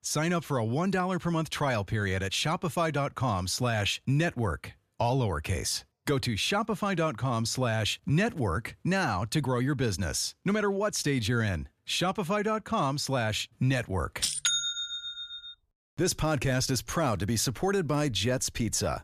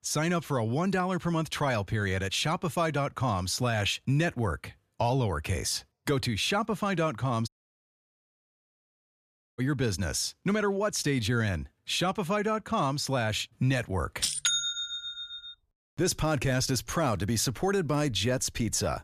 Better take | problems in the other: first | audio cutting out; at 7.5 s for 2 s

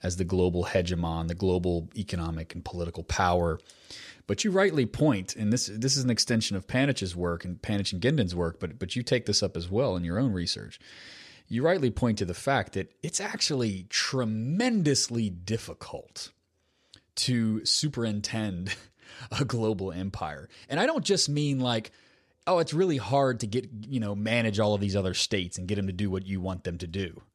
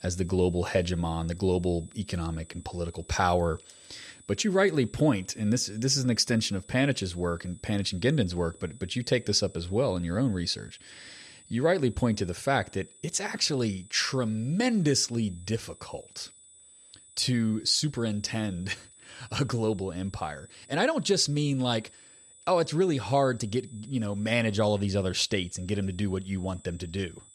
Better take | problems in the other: first | high-pitched whine; faint; throughout; 8 kHz, 25 dB below the speech

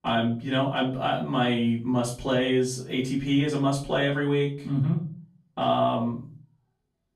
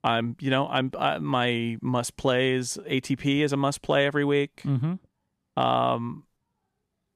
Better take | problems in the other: second | off-mic speech; far // room echo; slight; dies away in 0.4 s

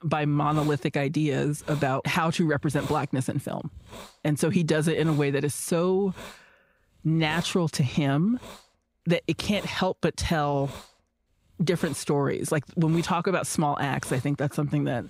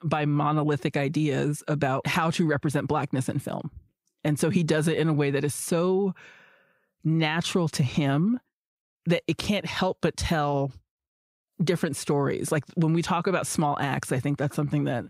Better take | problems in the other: second | hiss; noticeable; throughout; 20 dB below the speech

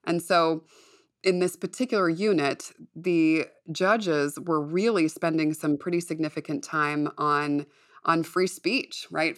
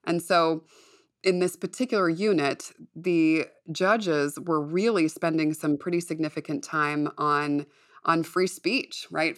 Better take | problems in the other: neither | none

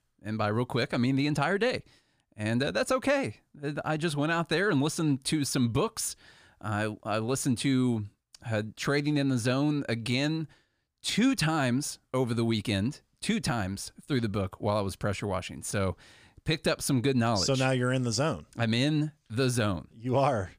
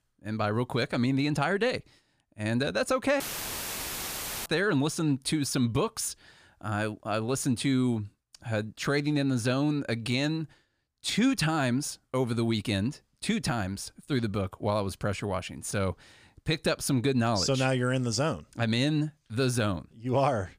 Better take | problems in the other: first | audio cutting out; filled with static; at 3 s for 1.5 s

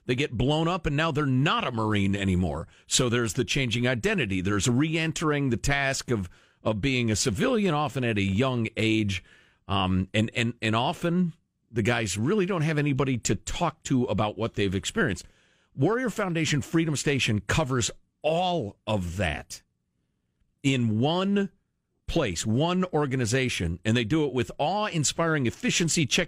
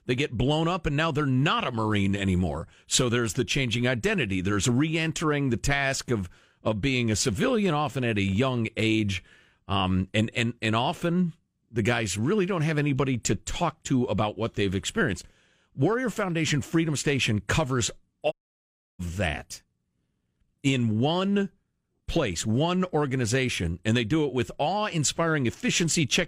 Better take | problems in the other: first | audio cutting out; at 18 s for 0.5 s

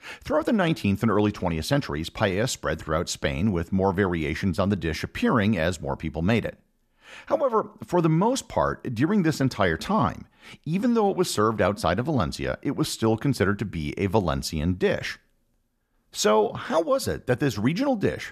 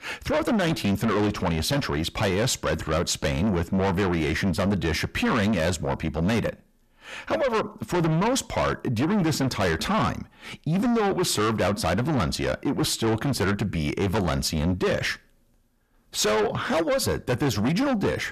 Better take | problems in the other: first | distortion; heavy; 6 dB below the speech

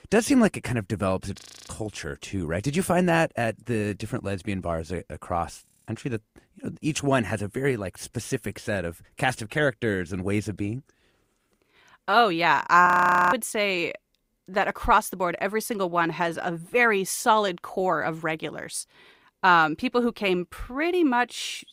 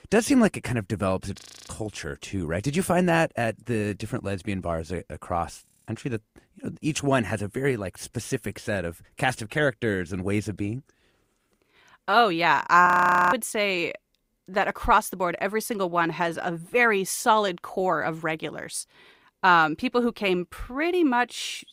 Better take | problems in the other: neither | audio freezing; at 1.5 s, at 5.5 s and at 13 s; the same in both

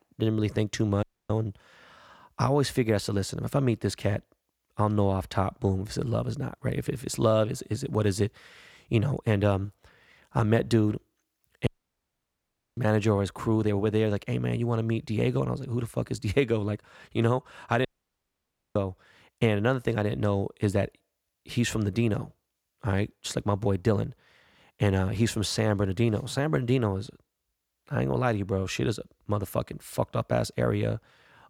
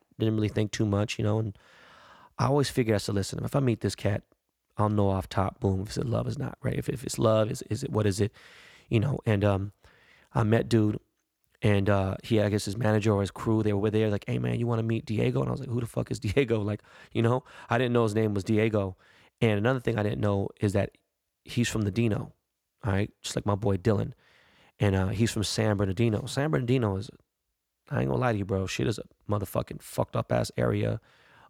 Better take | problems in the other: second | audio cutting out; at 1 s, at 12 s for 1 s and at 18 s for 1 s

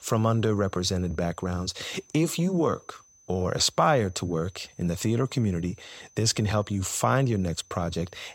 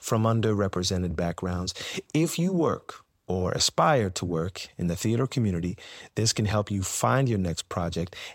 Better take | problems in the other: second | high-pitched whine; faint; throughout; 6 kHz, 30 dB below the speech

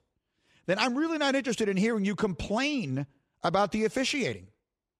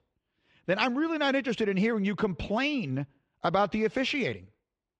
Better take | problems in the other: first | muffled; very slightly; fading above 3 kHz

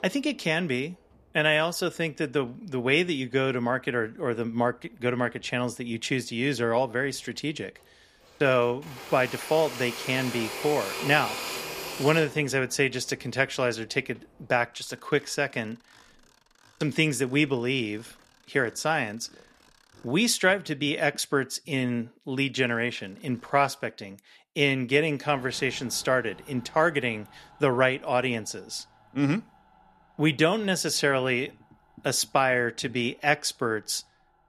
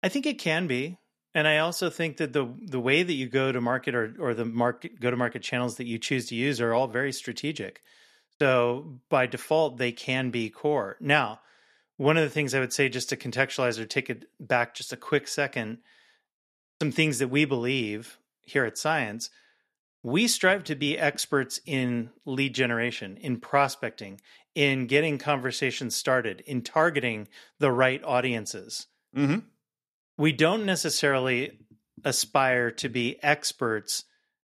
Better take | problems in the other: second | machinery noise; noticeable; throughout; 10 dB below the speech

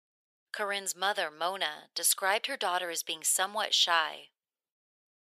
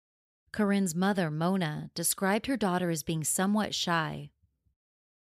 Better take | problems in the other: second | thin; very; fading below 600 Hz

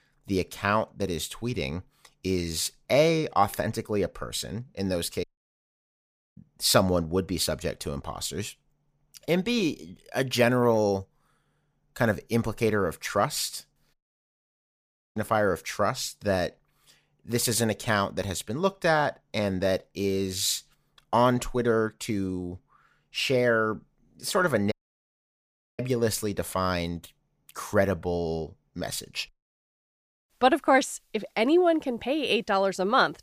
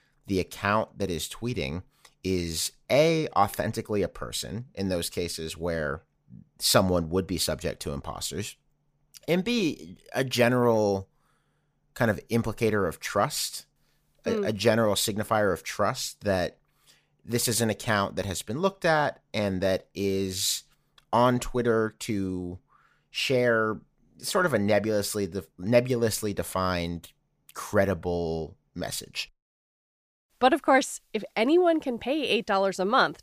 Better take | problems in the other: second | audio cutting out; at 5 s for 1 s, at 14 s for 1 s and at 25 s for 1 s

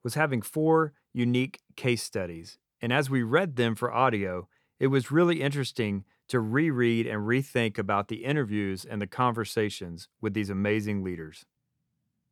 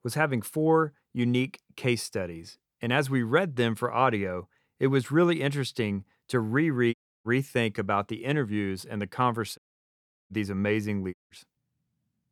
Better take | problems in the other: first | audio cutting out; at 7 s, at 9.5 s for 0.5 s and at 11 s

